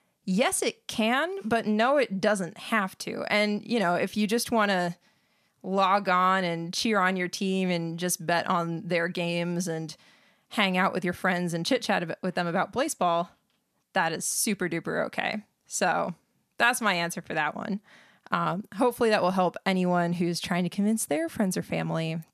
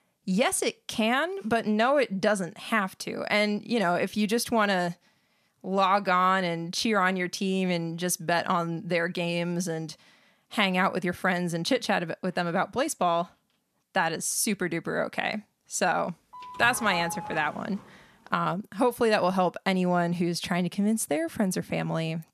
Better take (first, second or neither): first